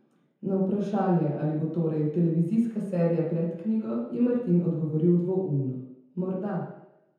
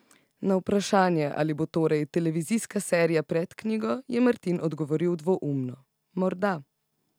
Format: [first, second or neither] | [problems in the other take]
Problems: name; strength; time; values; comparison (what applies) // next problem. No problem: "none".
second | room echo; dies away in 0.9 s